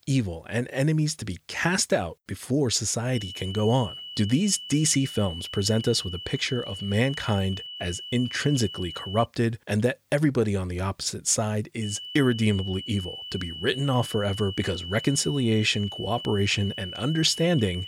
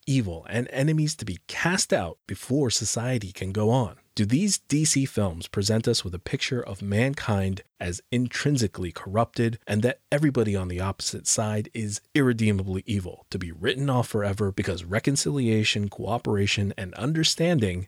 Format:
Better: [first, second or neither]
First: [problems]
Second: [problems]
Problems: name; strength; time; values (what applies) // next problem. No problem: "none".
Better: second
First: high-pitched whine; loud; from 3 to 9.5 s and from 12 s on; 3 kHz, 10 dB below the speech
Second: none